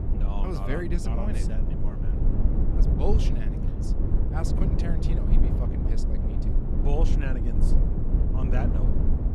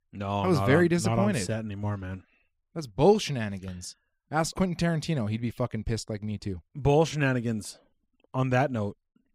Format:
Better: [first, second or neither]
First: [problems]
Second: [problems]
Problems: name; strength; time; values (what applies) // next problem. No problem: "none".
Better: second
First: low rumble; loud; throughout; 1 dB below the speech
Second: none